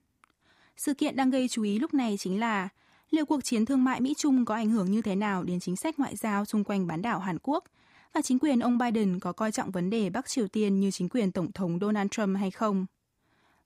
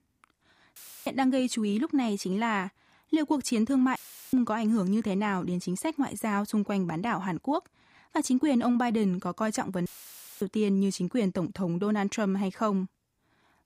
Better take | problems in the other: first | audio cutting out; filled with static; at 1 s, at 4 s and at 10 s for 0.5 s

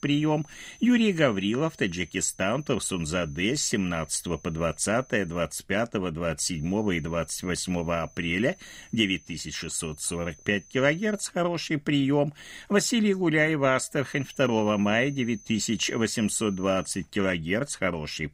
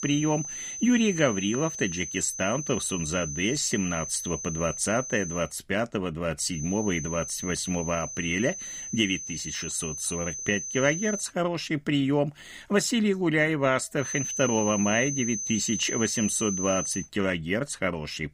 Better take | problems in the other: first | high-pitched whine; loud; until 5.5 s, from 6.5 to 11 s and from 14 to 17 s; 6 kHz, 5 dB below the speech; faint in the first

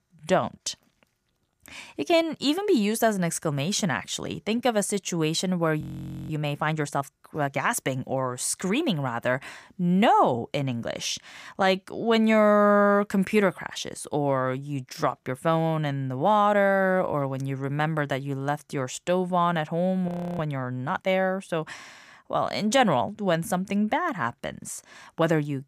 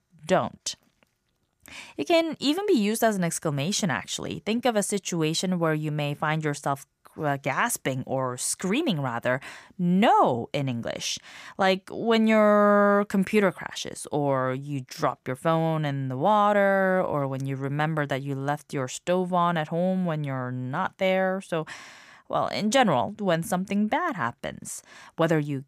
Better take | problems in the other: second | audio freezing; at 6 s and at 20 s

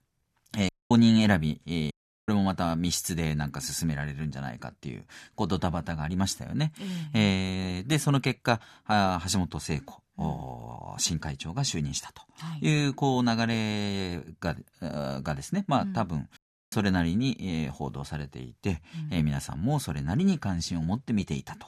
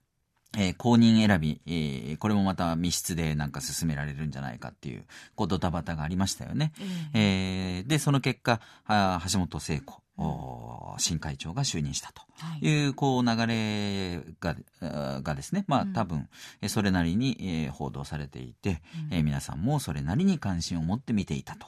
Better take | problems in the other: second | audio cutting out; at 0.5 s, at 2 s and at 16 s

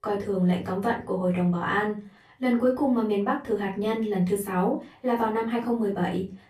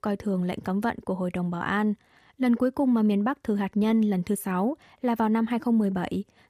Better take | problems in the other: second | off-mic speech; far // room echo; very slight; dies away in 0.3 s

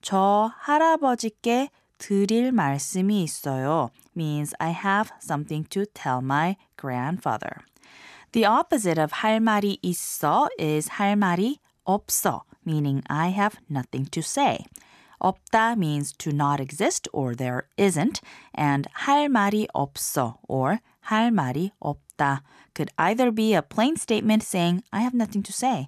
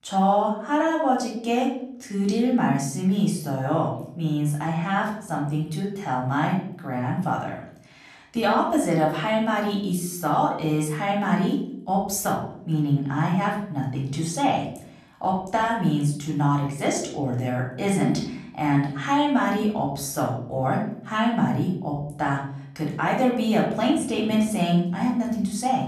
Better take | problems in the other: first | off-mic speech; far // room echo; noticeable; dies away in 0.6 s

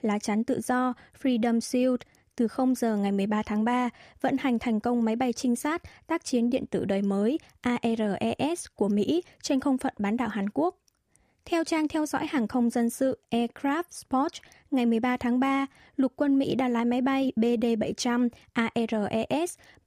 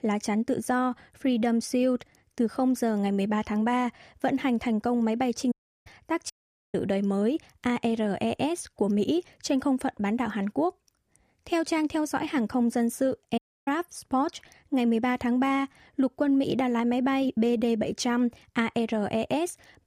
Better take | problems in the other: first | audio cutting out; at 5.5 s, at 6.5 s and at 13 s

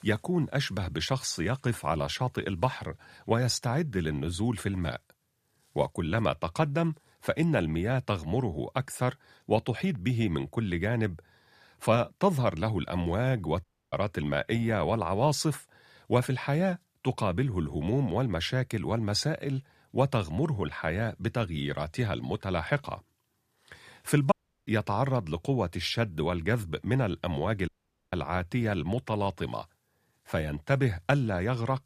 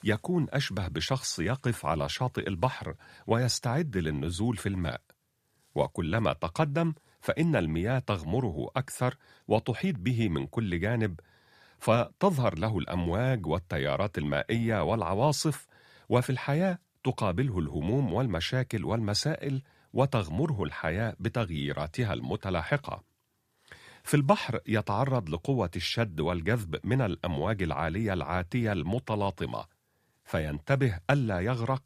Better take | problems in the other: second | audio cutting out; at 14 s, at 24 s and at 28 s

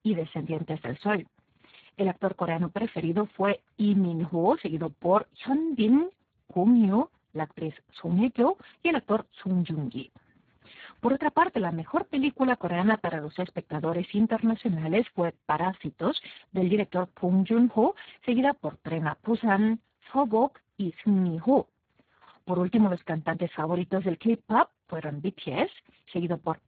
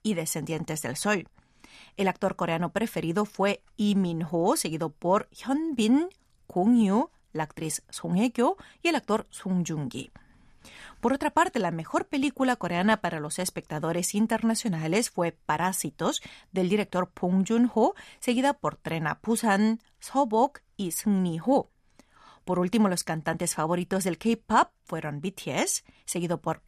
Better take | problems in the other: second | garbled, watery; badly; nothing above 4 kHz

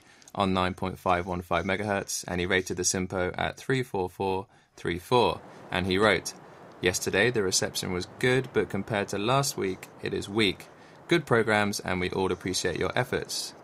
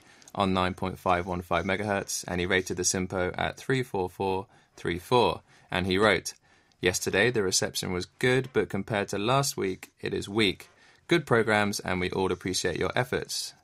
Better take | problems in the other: second | wind noise on the microphone; occasional gusts; from 5.5 s on; 20 dB below the speech

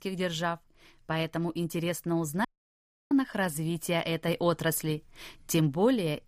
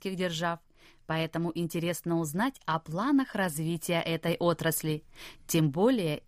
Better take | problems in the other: second | audio cutting out; at 2.5 s for 0.5 s

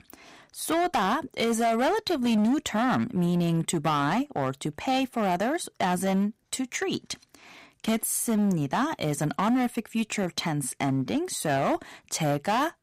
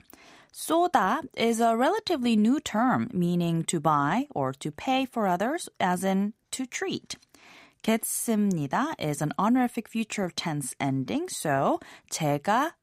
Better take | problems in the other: second | distortion; slight; 11% of the sound clipped

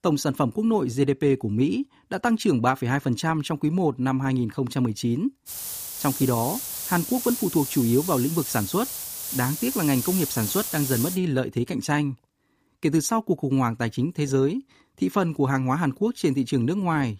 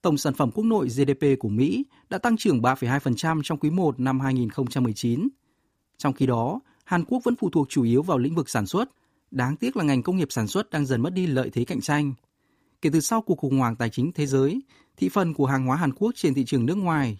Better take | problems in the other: second | hiss; loud; from 5.5 to 11 s; 5 dB below the speech

